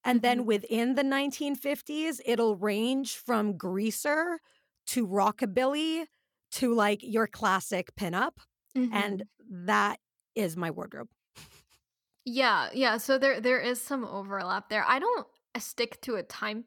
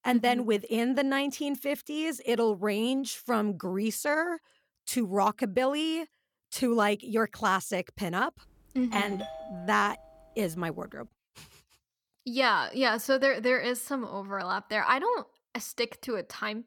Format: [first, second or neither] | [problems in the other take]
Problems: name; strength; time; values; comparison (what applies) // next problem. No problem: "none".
first | doorbell; noticeable; from 9 to 10 s; peak 9 dB below the speech